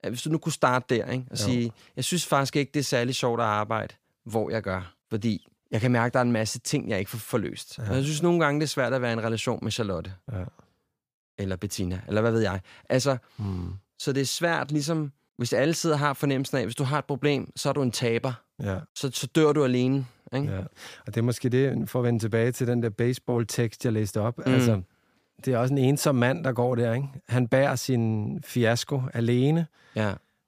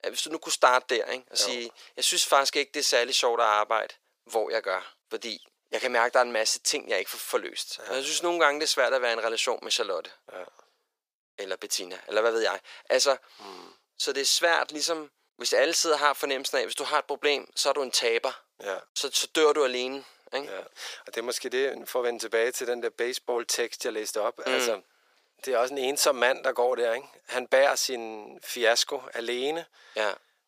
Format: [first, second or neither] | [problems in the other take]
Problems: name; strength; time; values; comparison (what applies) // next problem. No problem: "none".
first | thin; very; fading below 450 Hz